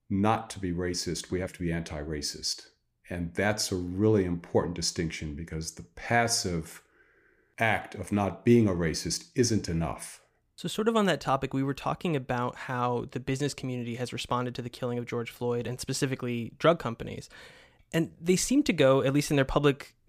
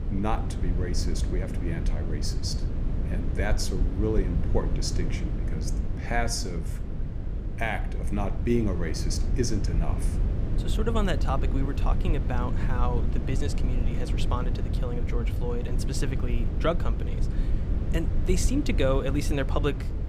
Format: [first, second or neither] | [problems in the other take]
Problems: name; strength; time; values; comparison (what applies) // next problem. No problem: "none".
first | low rumble; loud; throughout; 8 dB below the speech